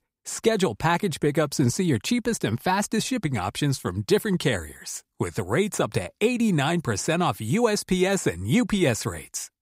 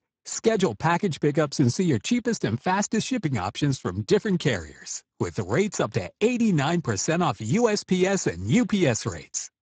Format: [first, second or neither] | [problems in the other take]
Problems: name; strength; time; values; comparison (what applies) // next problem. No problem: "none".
first | garbled, watery; badly; nothing above 7.5 kHz